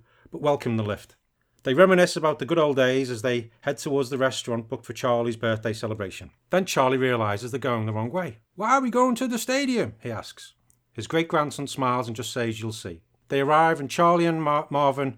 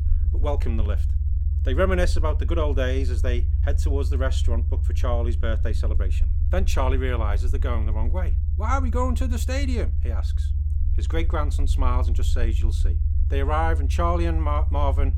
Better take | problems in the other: first | low rumble; noticeable; throughout; 15 dB below the speech

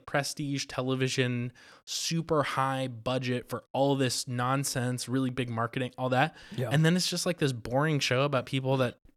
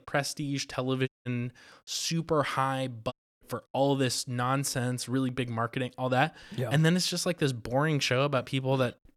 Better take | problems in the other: first | audio cutting out; at 1 s and at 3 s

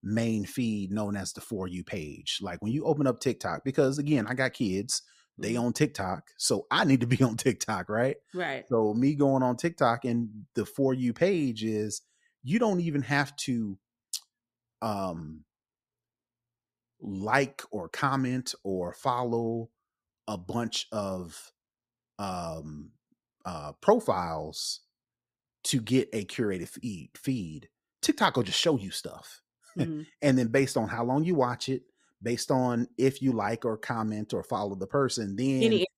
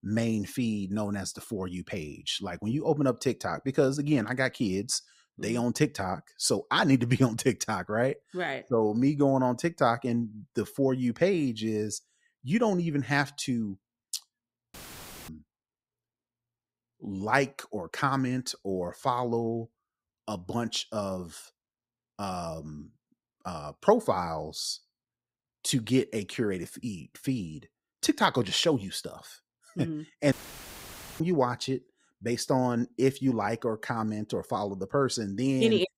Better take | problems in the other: first | audio cutting out; filled with static; at 15 s for 0.5 s and at 30 s for 1 s

